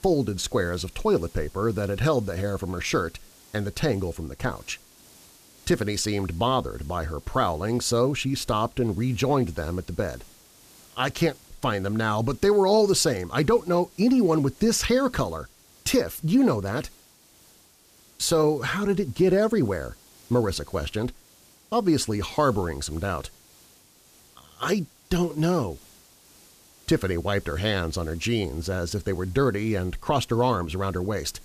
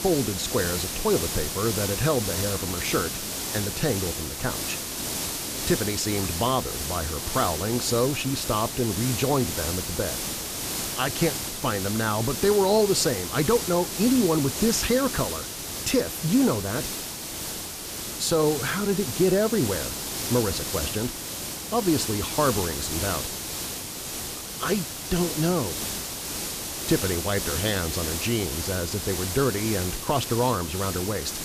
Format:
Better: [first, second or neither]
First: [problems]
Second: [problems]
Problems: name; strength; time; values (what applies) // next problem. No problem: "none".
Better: first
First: hiss; faint; throughout; 25 dB below the speech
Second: hiss; loud; throughout; 3 dB below the speech